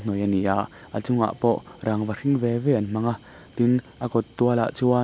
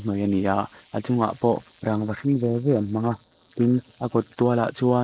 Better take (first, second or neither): first